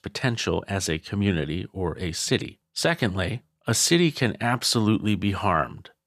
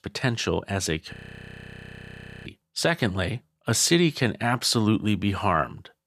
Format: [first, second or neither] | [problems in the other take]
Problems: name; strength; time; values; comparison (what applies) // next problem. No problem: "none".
first | audio freezing; at 1 s for 1.5 s